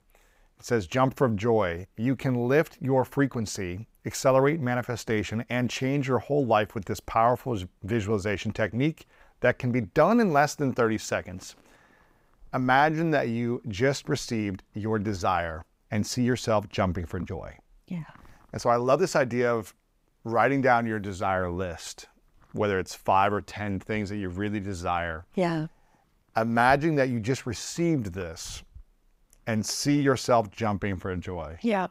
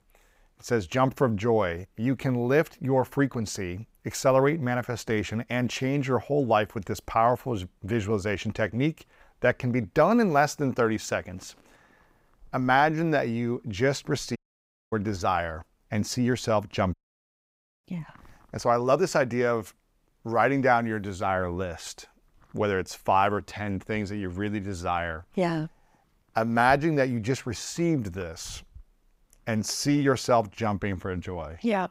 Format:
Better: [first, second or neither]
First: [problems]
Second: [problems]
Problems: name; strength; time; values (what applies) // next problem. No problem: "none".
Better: first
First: none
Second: audio cutting out; at 14 s for 0.5 s and at 17 s for 1 s